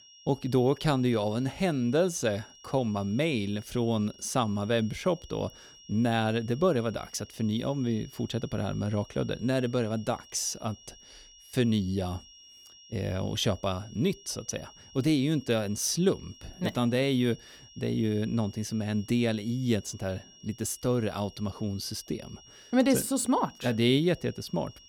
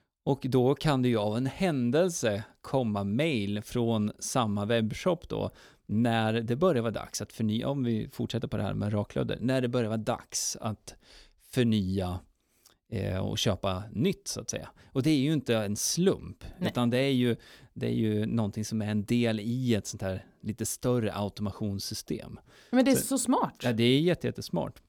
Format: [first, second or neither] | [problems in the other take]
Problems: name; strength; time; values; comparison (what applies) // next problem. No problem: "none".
second | high-pitched whine; faint; throughout; 3 kHz, 20 dB below the speech